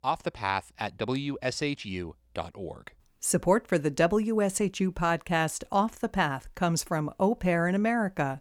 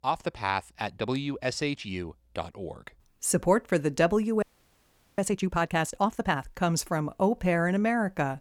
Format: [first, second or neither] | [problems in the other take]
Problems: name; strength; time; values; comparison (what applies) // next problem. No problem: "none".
first | audio freezing; at 4.5 s for 1 s